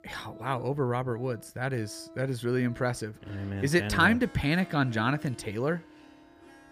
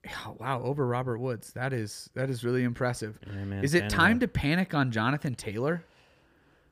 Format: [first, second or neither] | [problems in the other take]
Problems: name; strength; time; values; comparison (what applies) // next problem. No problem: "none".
second | background music; faint; throughout; 20 dB below the speech